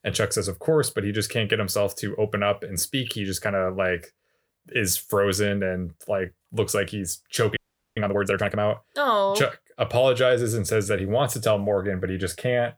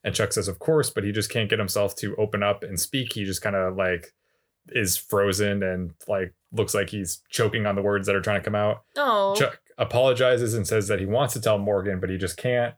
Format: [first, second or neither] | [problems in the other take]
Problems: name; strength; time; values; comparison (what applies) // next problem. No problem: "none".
second | audio freezing; at 7.5 s